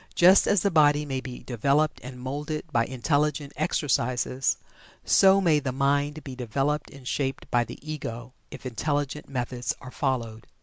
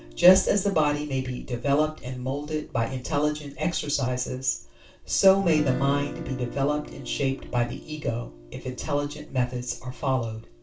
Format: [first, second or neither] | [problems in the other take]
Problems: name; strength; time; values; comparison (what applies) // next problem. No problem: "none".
first | background sound (Guitar); 15 dB below the speech // room echo; dies away in 0.2 s